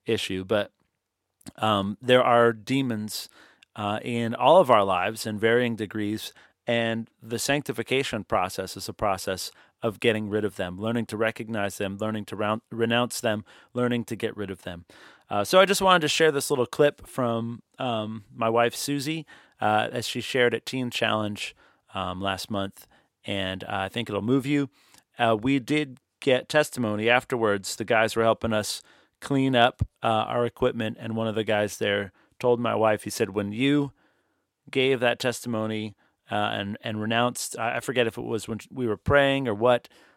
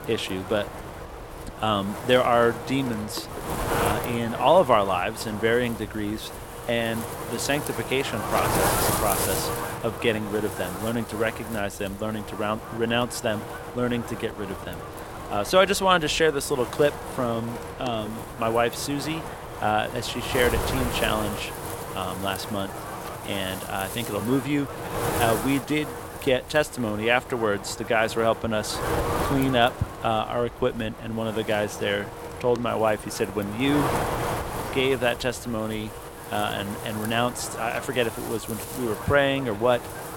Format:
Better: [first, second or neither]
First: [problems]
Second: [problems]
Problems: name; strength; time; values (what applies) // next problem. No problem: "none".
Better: first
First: none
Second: wind noise on the microphone; heavy; 7 dB below the speech